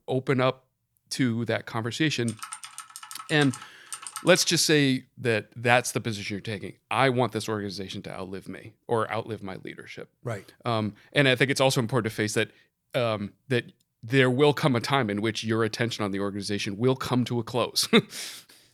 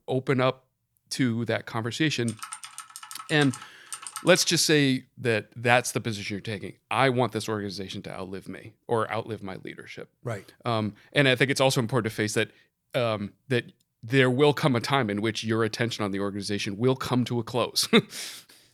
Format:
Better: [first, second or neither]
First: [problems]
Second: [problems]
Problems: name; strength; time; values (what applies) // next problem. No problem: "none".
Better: neither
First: keyboard typing; faint; from 2.5 to 4.5 s; peak 10 dB below the speech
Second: keyboard typing; faint; from 2.5 to 4.5 s; peak 10 dB below the speech